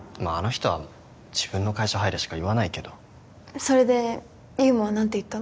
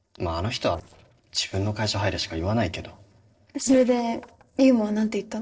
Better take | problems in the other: first | noise reduction (neural separator model SepFormer DNS4)

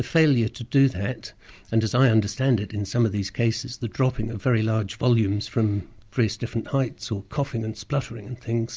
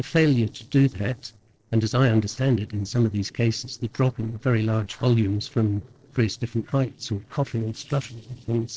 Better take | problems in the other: first | noise reduction (neural separator model SepFormer DNS4)

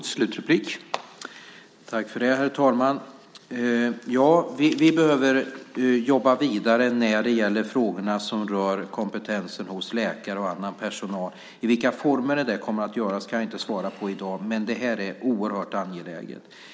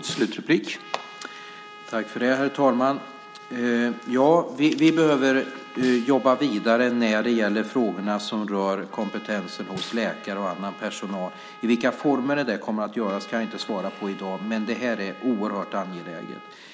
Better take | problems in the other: first | background sound (Trumpet + Snare drum); 18 dB below the speech

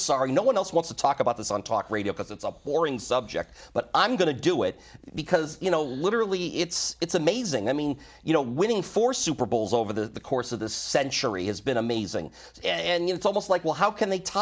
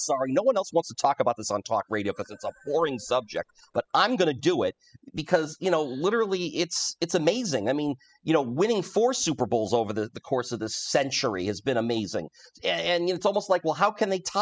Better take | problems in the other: first | noise reduction (classical method spectral subtraction)

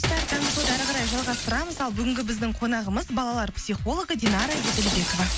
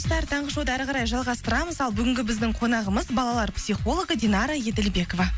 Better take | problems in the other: second | background sound (Shatter); 4 dB below the speech

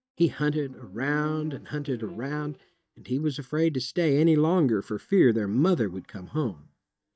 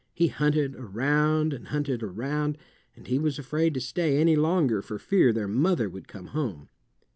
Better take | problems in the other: second | noise reduction (neural mask model DeepFilterNet 3)

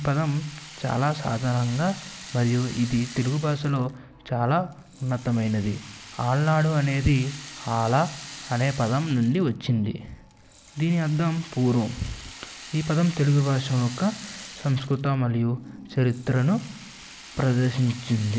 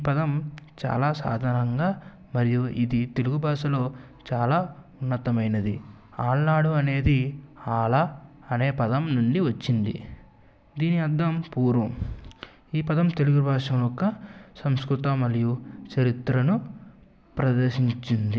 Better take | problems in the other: second | background sound (Rattle (instrument)); 18 dB below the speech

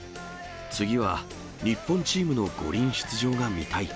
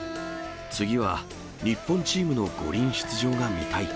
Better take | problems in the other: first | background sound (Wind instrument, woodwind instrument); 11 dB below the speech

